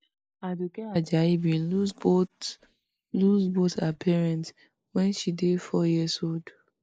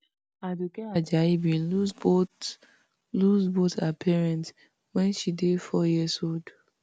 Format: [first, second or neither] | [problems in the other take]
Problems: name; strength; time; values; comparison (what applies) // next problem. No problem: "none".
second | noise reduction (neural mask model Resemble Enhance denoiser)